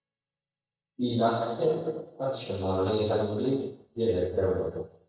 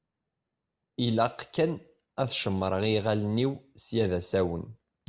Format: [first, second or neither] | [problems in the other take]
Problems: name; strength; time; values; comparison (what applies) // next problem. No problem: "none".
second | noise reduction (neural mask model DeepFilterNet 3)